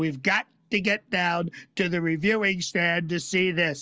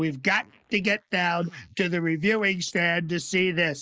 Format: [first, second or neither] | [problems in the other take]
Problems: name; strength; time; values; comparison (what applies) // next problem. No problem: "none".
first | noise reduction (neural mask model Resemble Enhance denoiser)